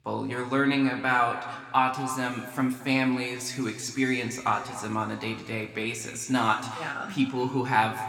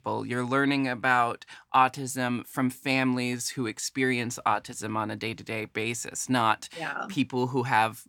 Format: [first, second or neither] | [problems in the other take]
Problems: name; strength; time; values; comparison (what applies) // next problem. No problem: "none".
second | room echo; slight; dies away in 2 s